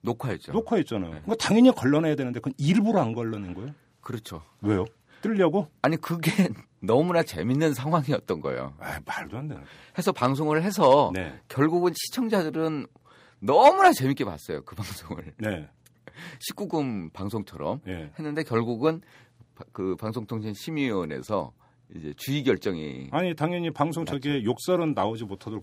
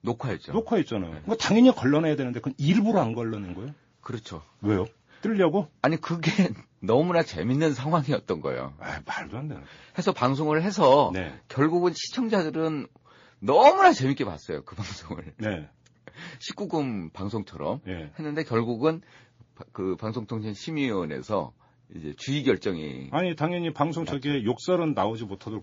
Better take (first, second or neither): first